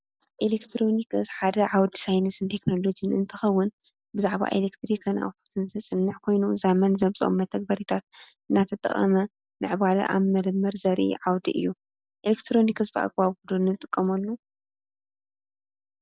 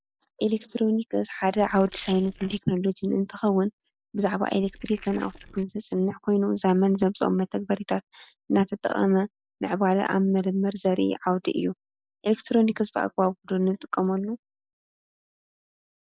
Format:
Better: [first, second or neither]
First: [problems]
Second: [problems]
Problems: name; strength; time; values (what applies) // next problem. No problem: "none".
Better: first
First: none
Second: noise reduction (neural mask model Resemble Enhance denoiser)